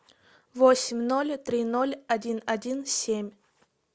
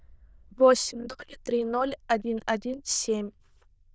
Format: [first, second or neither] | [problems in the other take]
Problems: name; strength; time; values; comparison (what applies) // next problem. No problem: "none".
first | noise reduction (neural diffusion model UNIVERSE++)